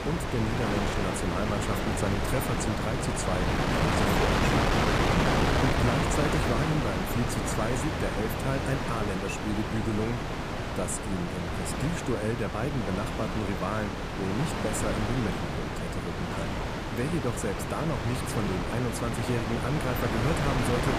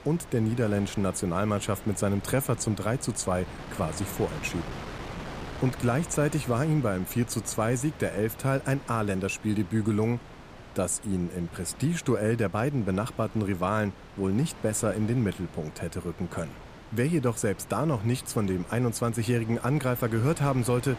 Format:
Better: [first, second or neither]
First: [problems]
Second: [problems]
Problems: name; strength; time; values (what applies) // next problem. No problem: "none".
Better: second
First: wind noise on the microphone; heavy; 5 dB above the speech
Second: wind noise on the microphone; occasional gusts; 15 dB below the speech